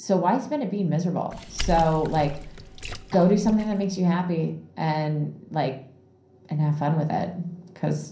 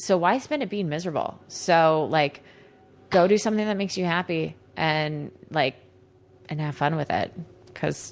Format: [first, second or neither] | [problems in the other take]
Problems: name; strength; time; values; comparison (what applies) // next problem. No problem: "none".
second | background sound (Water / Splash, splatter); 10 dB below the speech // room echo; dies away in 0.6 s